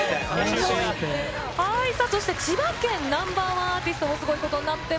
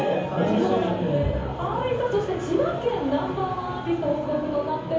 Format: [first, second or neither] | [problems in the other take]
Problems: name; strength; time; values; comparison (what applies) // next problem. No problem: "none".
first | background sound (Bowed string instrument); 13 dB below the speech // room echo; dies away in 0.7 s